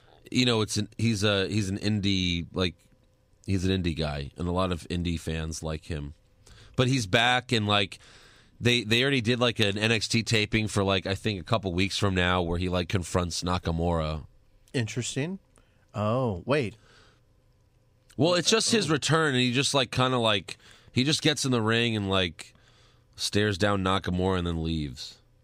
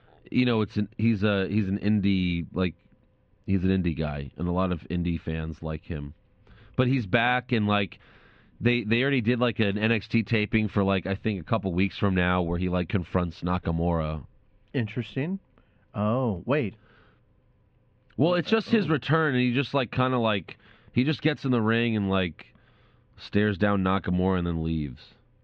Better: first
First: none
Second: muffled; very; fading above 3 kHz

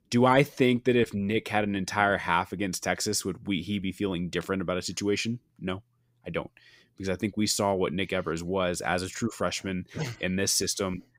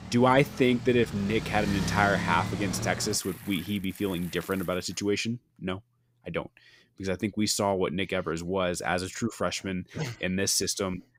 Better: first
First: none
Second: traffic noise; loud; until 4.5 s; 8 dB below the speech

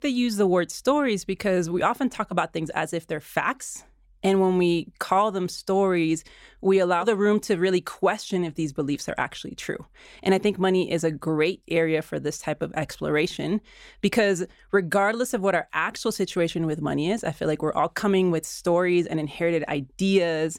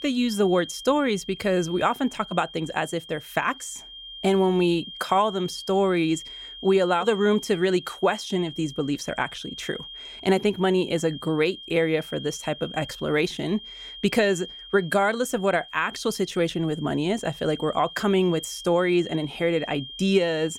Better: first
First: none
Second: high-pitched whine; noticeable; throughout; 3 kHz, 15 dB below the speech

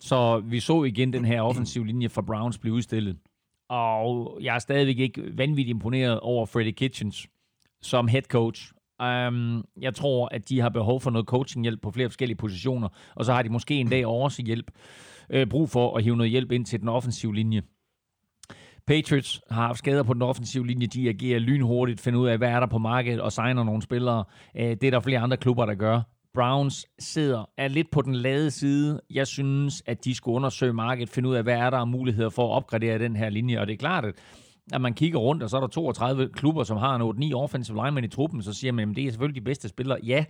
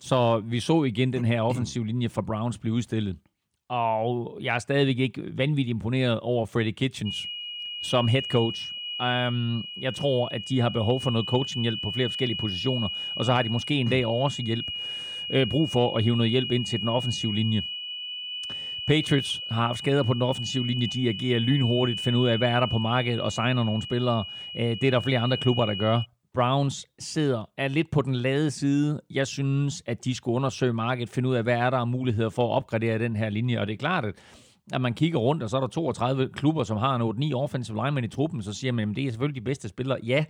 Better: first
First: none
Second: high-pitched whine; loud; from 7 to 26 s; 3 kHz, 5 dB below the speech

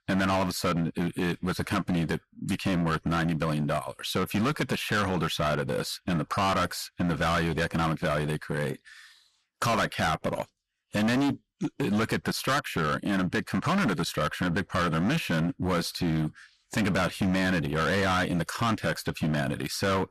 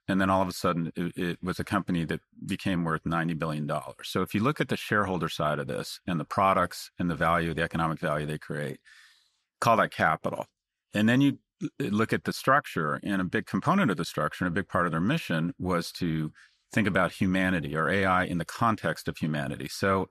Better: second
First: distortion; heavy; 19% of the sound clipped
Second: none

